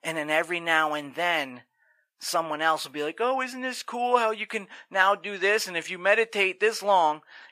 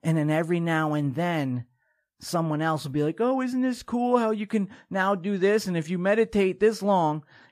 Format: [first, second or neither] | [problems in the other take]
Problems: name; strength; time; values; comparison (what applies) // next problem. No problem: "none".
second | thin; very; fading below 650 Hz